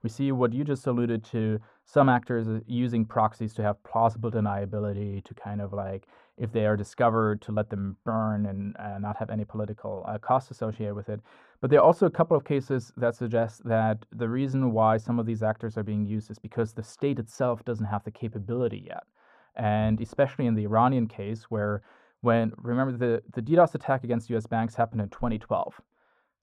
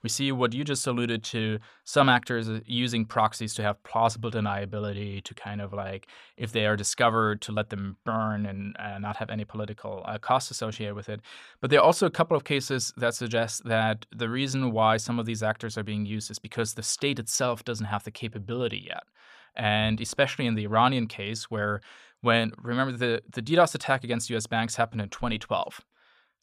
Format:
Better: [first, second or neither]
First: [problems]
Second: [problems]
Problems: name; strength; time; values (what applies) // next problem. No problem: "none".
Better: second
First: muffled; very; fading above 2 kHz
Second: none